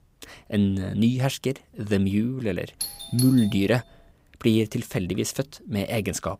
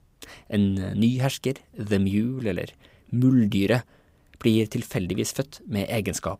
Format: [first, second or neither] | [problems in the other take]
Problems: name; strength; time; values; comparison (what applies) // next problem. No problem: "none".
second | doorbell; noticeable; at 3 s; peak 6 dB below the speech